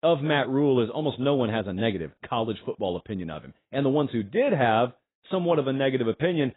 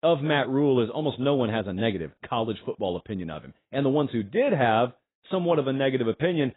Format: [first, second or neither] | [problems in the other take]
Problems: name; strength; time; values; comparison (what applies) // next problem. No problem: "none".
neither | garbled, watery; badly; nothing above 3.5 kHz; the same in both